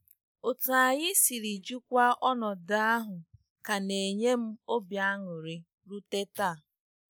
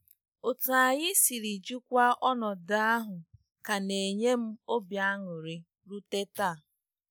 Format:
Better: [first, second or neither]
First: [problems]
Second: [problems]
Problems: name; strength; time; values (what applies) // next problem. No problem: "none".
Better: second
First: noise reduction (neural mask model Resemble Enhance denoiser)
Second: none